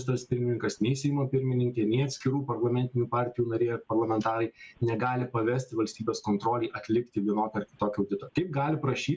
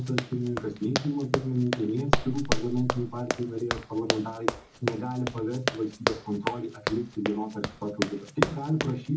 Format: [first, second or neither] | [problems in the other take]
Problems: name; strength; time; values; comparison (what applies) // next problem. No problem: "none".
first | background sound (Run); 2 dB below the speech // room echo; dies away in 0.4 s